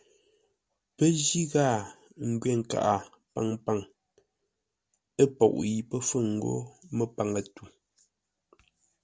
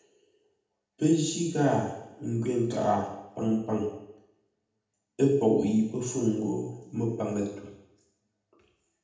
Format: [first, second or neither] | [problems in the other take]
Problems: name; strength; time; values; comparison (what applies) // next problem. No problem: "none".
first | room echo; dies away in 0.8 s